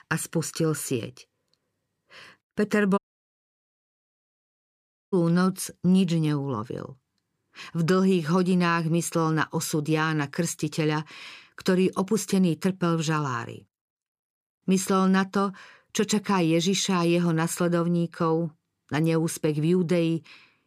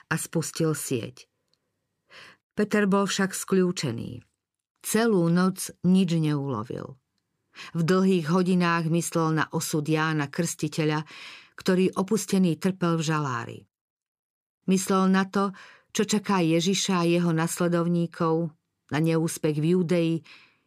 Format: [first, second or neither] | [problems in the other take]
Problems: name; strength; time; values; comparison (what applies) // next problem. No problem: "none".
second | audio cutting out; at 3 s for 2 s